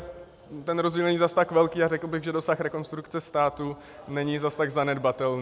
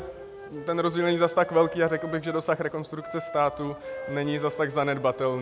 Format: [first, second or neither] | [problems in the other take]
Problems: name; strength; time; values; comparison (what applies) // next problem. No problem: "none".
first | background sound (Wind instrument, woodwind instrument); 13 dB below the speech